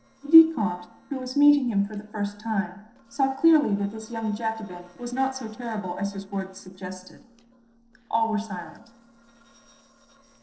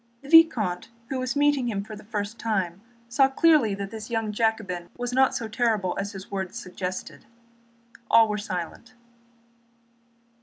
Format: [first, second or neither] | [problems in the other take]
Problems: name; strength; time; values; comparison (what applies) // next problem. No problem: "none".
second | noise reduction (neural separator model SepFormer DNS4)